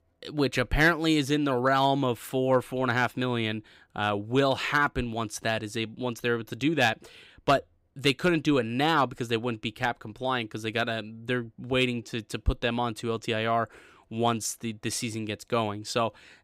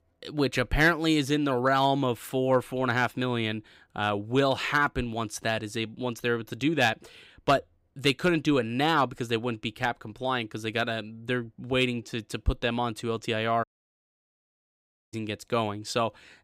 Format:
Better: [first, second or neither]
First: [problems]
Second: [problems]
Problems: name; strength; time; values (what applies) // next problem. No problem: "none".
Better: first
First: none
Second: audio cutting out; at 14 s for 1.5 s